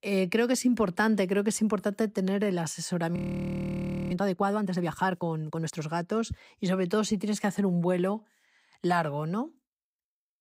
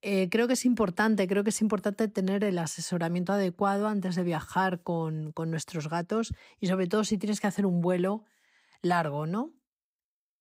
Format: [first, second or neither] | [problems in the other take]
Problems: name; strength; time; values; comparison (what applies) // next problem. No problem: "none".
second | audio freezing; at 3 s for 1 s